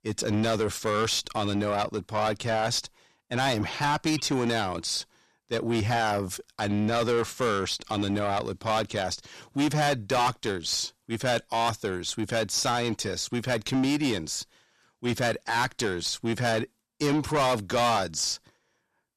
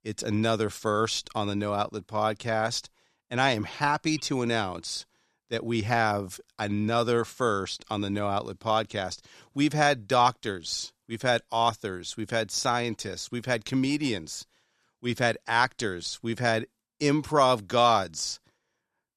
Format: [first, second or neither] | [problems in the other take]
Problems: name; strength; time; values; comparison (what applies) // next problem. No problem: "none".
second | distortion; heavy; 6 dB below the speech